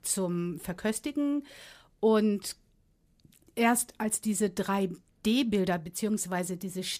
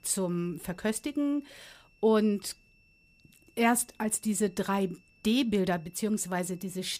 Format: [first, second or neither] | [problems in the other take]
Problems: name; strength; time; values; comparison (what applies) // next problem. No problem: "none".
first | high-pitched whine; faint; throughout; 2.5 kHz, 35 dB below the speech